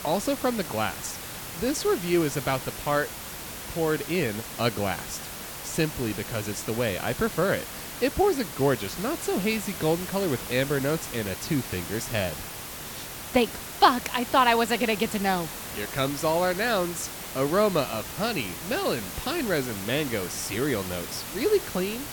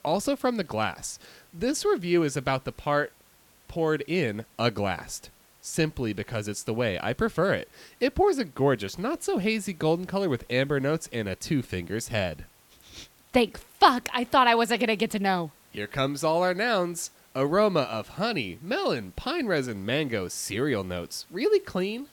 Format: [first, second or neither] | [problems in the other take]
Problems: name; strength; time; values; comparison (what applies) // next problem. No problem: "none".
second | hiss; loud; throughout; 8 dB below the speech; faint in the second